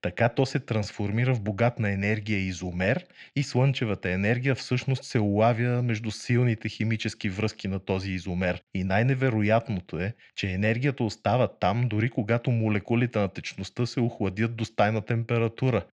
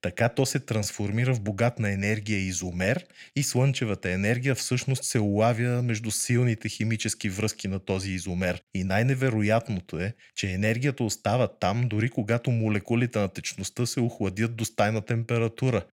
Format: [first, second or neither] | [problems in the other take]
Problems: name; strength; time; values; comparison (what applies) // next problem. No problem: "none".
second | muffled; slightly; fading above 4.5 kHz